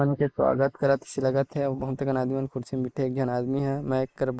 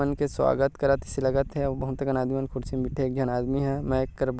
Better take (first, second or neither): second